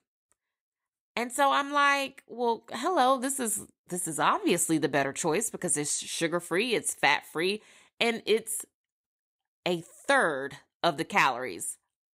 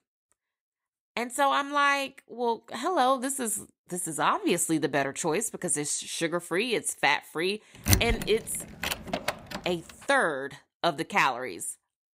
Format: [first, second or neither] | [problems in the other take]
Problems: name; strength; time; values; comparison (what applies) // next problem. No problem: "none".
first | door banging; loud; from 8 to 9.5 s; peak 3 dB above the speech